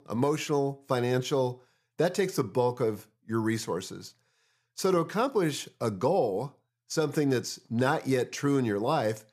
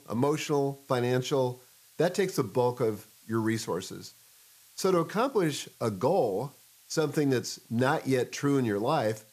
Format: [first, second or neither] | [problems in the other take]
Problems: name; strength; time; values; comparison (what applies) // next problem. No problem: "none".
first | hiss; faint; throughout; 25 dB below the speech